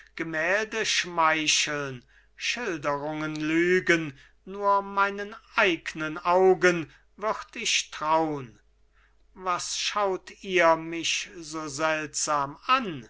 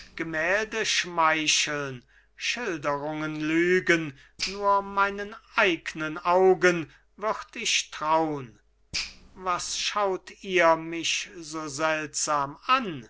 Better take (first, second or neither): first